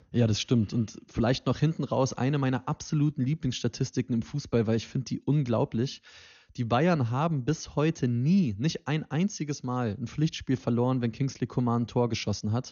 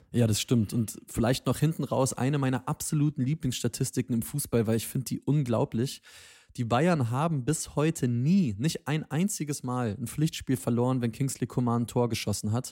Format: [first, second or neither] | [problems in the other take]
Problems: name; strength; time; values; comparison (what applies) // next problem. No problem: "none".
second | garbled, watery; slightly; nothing above 6.5 kHz